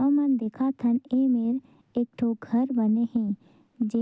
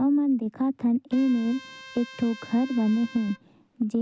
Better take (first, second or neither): first